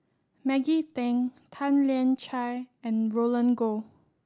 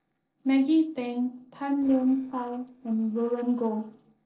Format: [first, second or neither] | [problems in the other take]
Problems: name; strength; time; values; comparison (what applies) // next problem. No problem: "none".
first | noise reduction (neural separator model SepFormer DNS4)